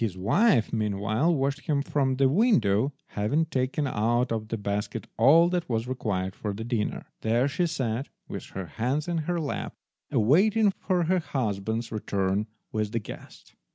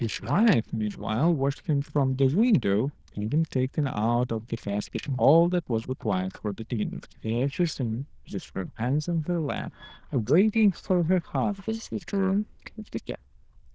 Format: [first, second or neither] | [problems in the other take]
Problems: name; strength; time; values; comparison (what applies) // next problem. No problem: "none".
first | noise reduction (neural diffusion model UNIVERSE++)